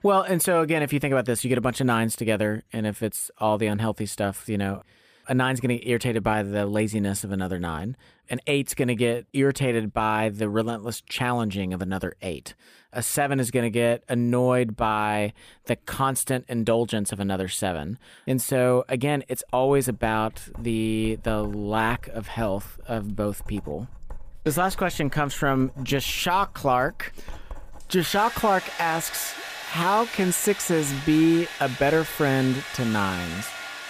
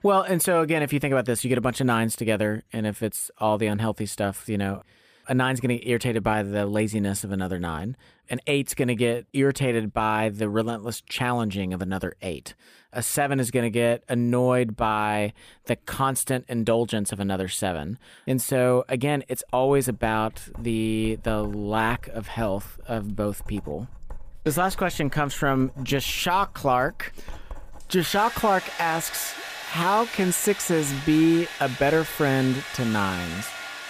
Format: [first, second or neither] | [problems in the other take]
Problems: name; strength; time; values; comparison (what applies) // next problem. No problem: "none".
neither | household noises; noticeable; from 20 s on; 10 dB below the speech; the same in both